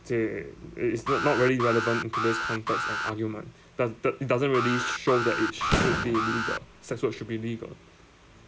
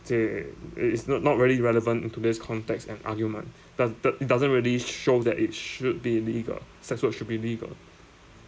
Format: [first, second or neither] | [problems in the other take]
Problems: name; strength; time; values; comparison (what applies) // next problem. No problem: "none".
second | background sound (Alarm + Fireworks); 2 dB below the speech